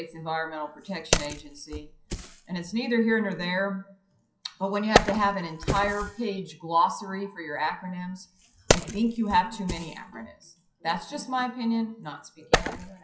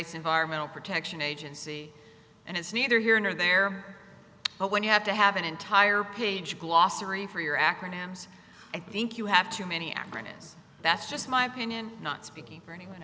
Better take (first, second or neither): second